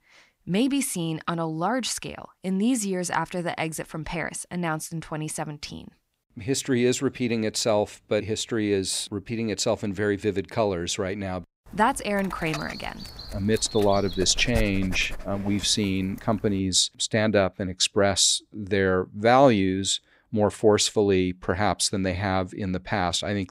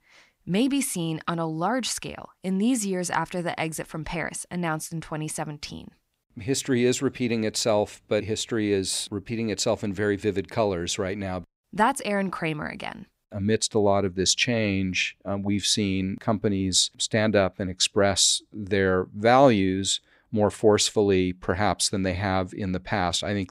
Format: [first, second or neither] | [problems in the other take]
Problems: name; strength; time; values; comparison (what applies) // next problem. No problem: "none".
second | dog barking; noticeable; from 12 to 16 s; peak 8 dB below the speech